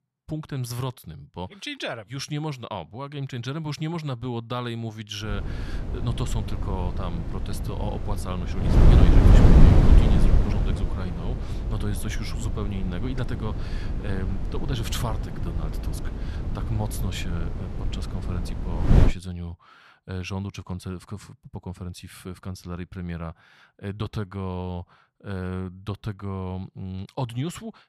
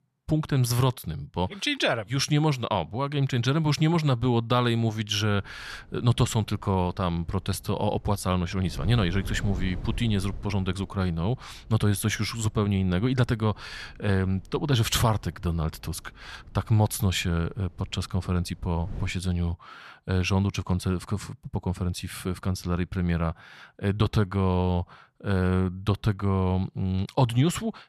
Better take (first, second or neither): second